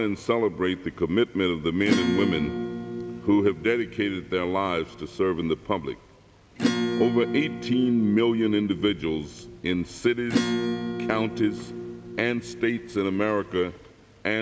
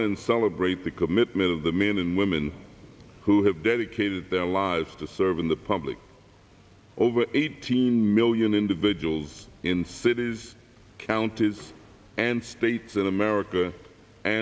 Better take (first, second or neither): second